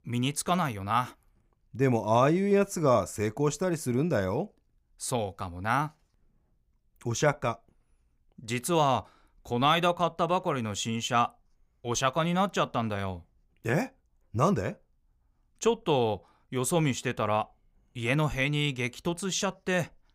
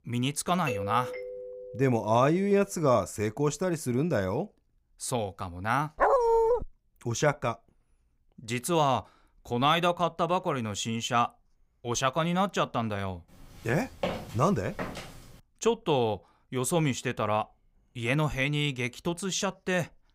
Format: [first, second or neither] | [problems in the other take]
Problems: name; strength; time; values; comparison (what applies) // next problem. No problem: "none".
first | doorbell; noticeable; from 0.5 to 2.5 s; peak 5 dB below the speech // dog barking; loud; at 6 s; peak 6 dB above the speech // footsteps; noticeable; from 14 to 15 s; peak 5 dB below the speech